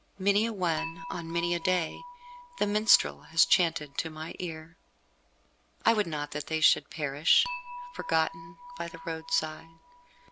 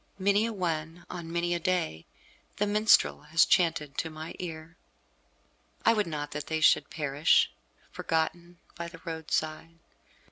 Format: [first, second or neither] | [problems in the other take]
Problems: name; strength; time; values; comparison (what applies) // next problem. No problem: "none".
second | background sound (Dishes, pots, and pans / Chink, clink); 15 dB below the speech